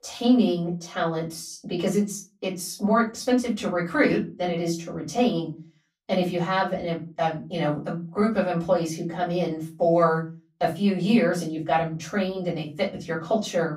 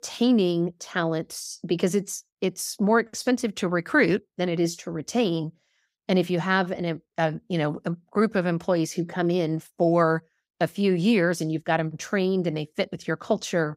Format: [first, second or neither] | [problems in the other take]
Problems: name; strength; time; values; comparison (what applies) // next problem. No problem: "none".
second | off-mic speech; far // room echo; very slight; dies away in 0.3 s